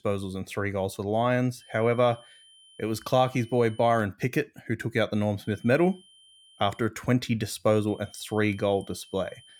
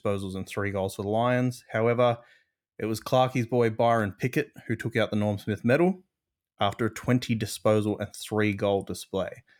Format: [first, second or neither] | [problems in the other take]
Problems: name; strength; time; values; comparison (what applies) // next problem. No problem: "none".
second | high-pitched whine; faint; from 1.5 to 4 s, from 5.5 to 7 s and from 8 s on; 3 kHz, 25 dB below the speech